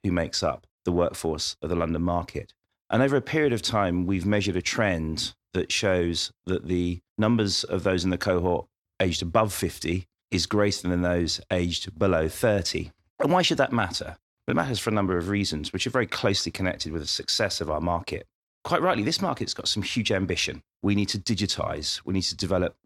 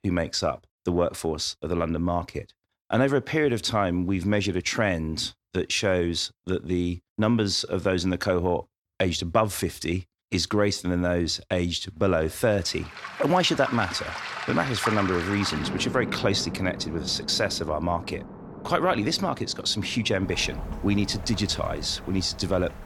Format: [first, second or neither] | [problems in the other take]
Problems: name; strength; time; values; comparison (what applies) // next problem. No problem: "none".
first | rain or running water; loud; from 13 s on; 10 dB below the speech